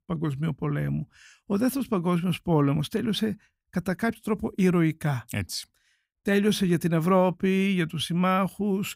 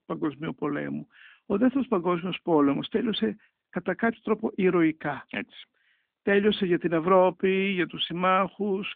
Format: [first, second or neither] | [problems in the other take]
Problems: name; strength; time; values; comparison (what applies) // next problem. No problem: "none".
first | phone-call audio